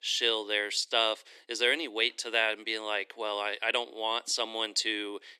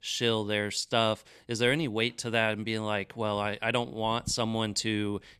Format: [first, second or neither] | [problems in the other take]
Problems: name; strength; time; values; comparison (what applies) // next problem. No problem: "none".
second | thin; very; fading below 300 Hz